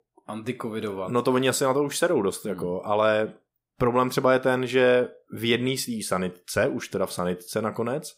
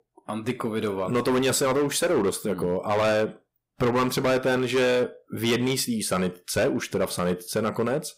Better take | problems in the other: first | distortion; heavy; 12% of the sound clipped

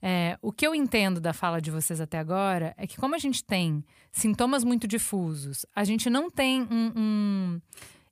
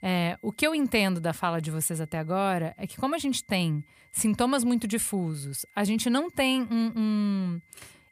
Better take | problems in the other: first | high-pitched whine; faint; throughout; 2 kHz, 30 dB below the speech

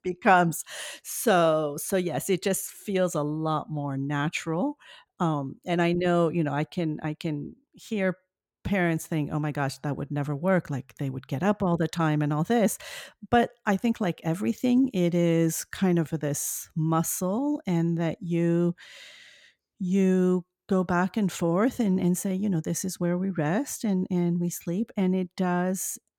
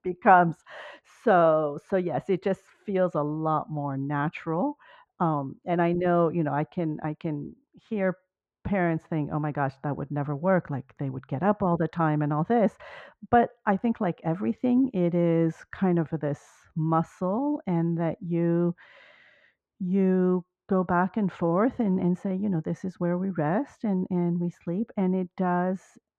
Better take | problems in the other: first | muffled; very; fading above 1.5 kHz

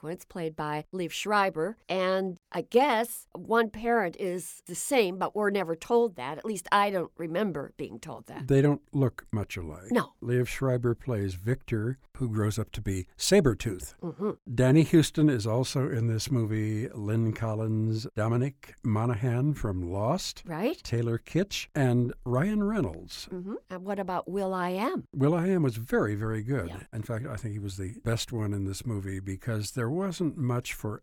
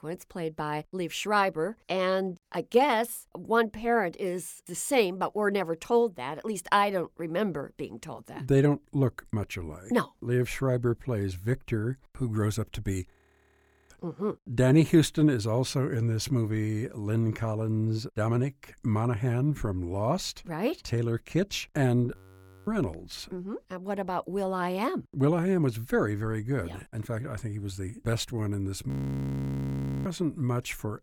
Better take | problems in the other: first | audio freezing; at 13 s for 1 s, at 22 s for 0.5 s and at 29 s for 1 s

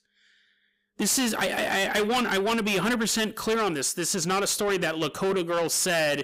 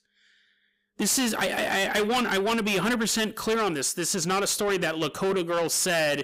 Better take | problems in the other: neither | distortion; heavy; 6 dB below the speech; the same in both

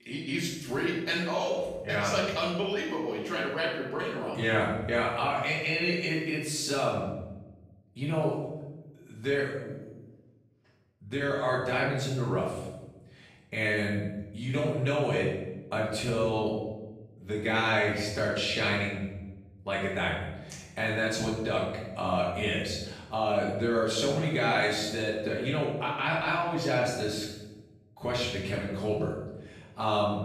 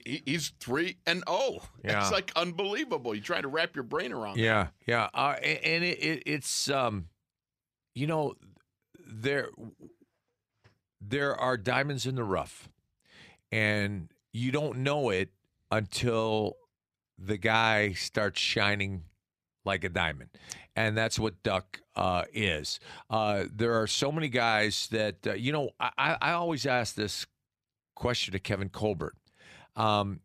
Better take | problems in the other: second | room echo; noticeable; dies away in 1 s // off-mic speech; far

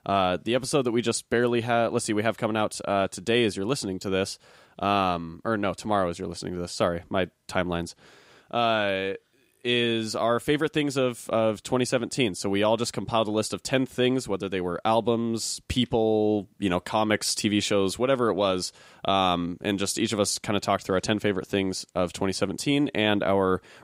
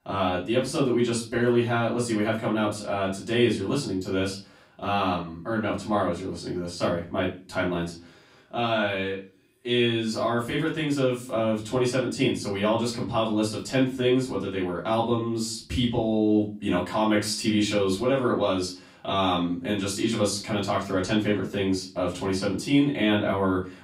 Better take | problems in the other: first | off-mic speech; far // room echo; slight; dies away in 0.3 s

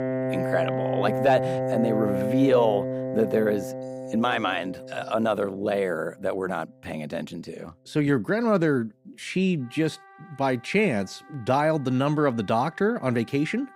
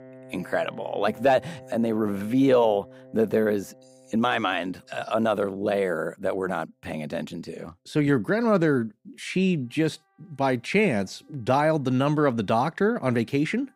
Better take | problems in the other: second | background music; loud; throughout; 4 dB below the speech; faint in the second

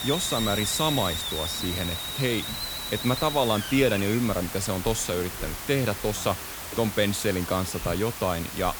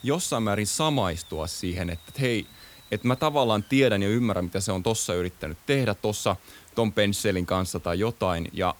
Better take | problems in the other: second | hiss; loud; throughout; 4 dB below the speech; faint in the second

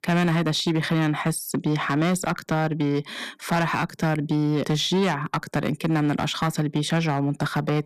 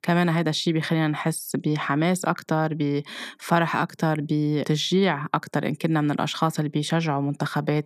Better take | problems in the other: second | distortion; slight; 11% of the sound clipped

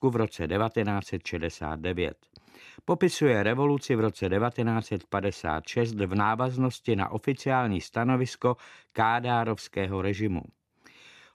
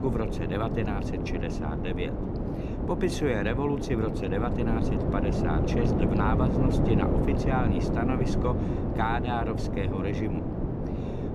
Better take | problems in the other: first | wind noise on the microphone; heavy; 1 dB below the speech

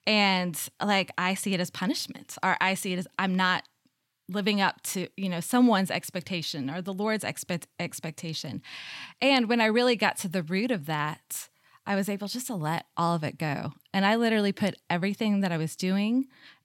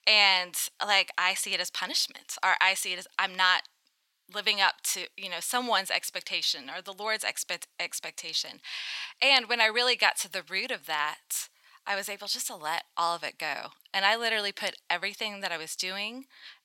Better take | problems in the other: first | thin; very; fading below 750 Hz

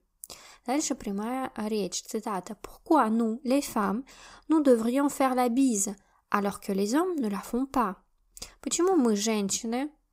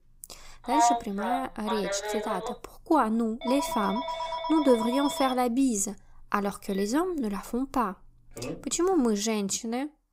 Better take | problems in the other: first | phone ringing; loud; from 0.5 to 8.5 s; peak 4 dB above the speech

